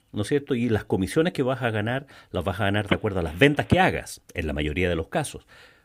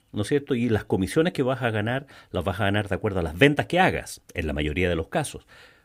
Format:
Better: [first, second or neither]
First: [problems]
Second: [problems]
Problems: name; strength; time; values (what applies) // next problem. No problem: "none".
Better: second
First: phone ringing; noticeable; at 3 s; peak 2 dB below the speech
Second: none